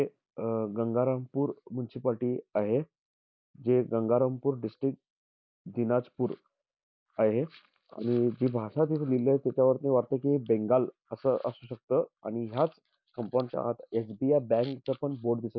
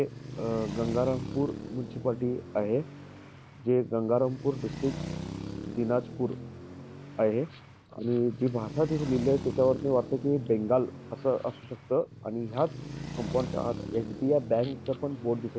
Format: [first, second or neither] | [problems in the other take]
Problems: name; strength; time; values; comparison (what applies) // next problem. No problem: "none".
first | background sound (Traffic noise, roadway noise); 10 dB below the speech